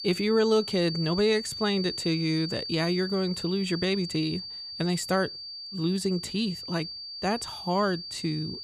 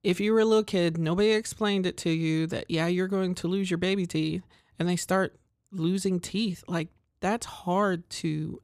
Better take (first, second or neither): second